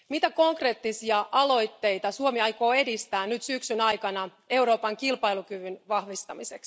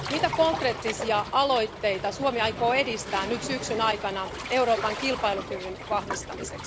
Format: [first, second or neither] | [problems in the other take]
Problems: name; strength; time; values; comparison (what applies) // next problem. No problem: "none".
first | background sound (Waves, surf); 8 dB below the speech